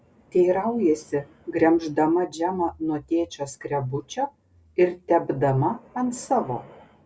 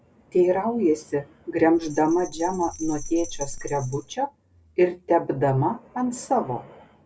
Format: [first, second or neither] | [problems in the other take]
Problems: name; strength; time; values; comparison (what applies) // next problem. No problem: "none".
first | background sound (Bell); 12 dB below the speech